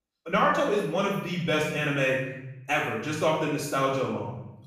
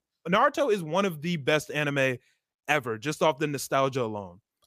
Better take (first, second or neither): second